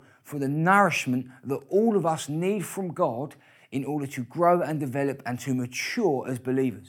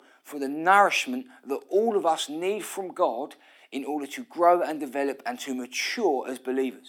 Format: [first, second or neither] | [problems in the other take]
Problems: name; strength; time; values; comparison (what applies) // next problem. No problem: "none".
first | thin; somewhat; fading below 250 Hz